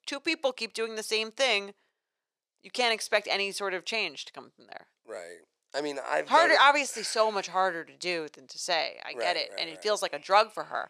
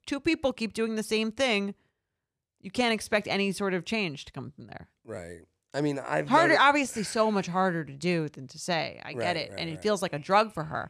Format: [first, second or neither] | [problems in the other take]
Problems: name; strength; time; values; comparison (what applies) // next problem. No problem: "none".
second | thin; somewhat; fading below 550 Hz